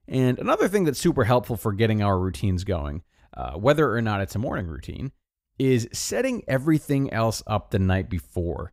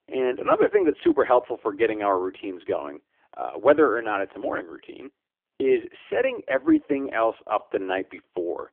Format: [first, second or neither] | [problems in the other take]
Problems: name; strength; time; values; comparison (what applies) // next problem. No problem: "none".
first | phone-call audio; poor line